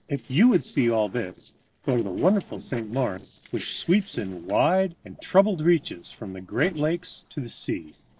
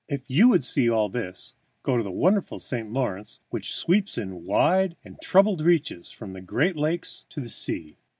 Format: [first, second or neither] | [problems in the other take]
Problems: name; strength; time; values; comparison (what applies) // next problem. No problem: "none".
second | noise reduction (neural separator model SepFormer DNS4)